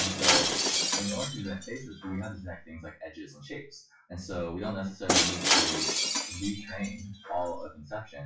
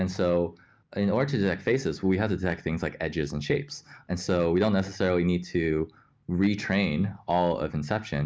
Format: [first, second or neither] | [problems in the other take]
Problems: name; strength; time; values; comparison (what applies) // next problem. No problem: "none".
second | noise reduction (classical method WPE with log-MMSE)